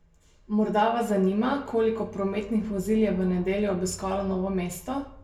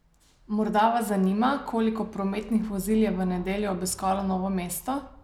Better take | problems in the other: second | room echo; dies away in 0.3 s

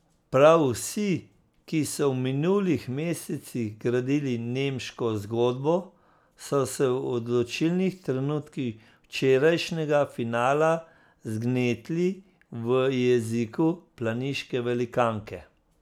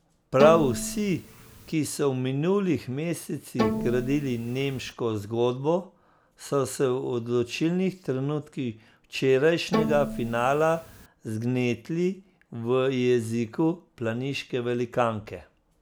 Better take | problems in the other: first | background sound (Bowed string instrument); 4 dB below the speech

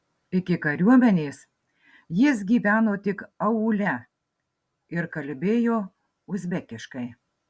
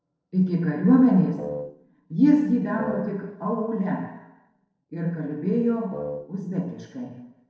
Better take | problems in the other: first | noise reduction (neural separator model SepFormer DNS4)

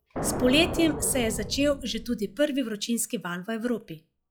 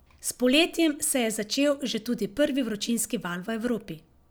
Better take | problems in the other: second | noise reduction (classical method log-MMSE)

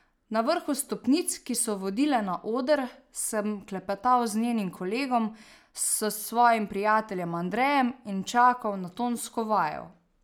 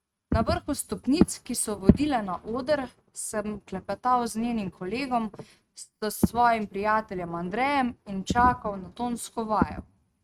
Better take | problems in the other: first | noise reduction (neural mask model RNNoise)

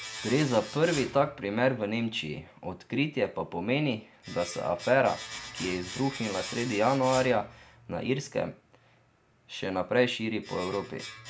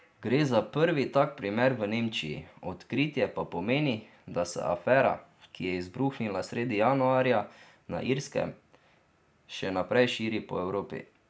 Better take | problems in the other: second | background sound (Domestic sounds, home sounds); 15 dB below the speech

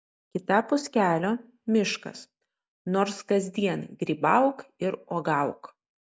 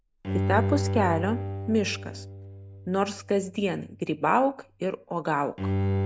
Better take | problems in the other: first | background sound (Bowed string instrument); 3 dB below the speech

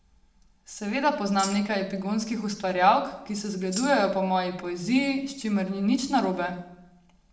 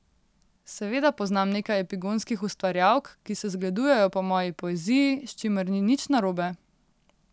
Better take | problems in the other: second | background sound (Tambourine); 12 dB below the speech // room echo; dies away in 0.6 s

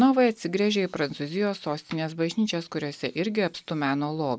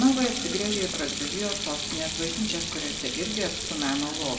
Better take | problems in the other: first | background sound (Sink (filling or washing)); 3 dB below the speech // room echo; dies away in 1.9 s

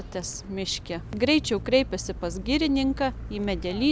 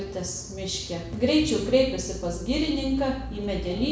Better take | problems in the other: first | room echo; dies away in 0.7 s

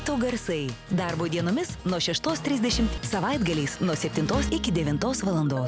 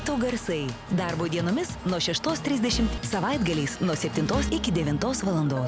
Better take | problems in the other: first | background sound (Engine); 16 dB below the speech

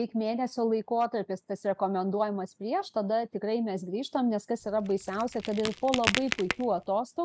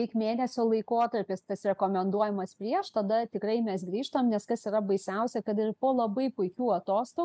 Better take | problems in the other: second | background sound (Crack); 6 dB below the speech

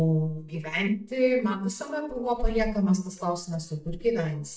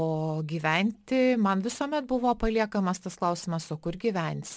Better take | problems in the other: second | noise reduction (neural mask model DeepFilterNet 3)

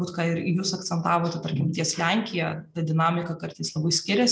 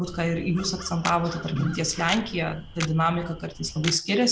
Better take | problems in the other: first | background sound (Crow + Camera); 12 dB below the speech

